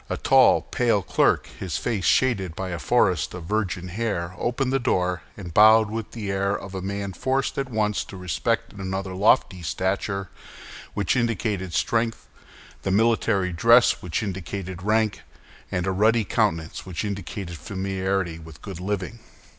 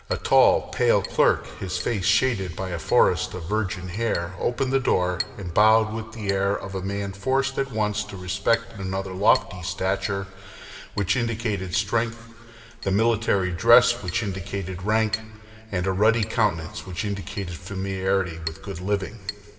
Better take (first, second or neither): first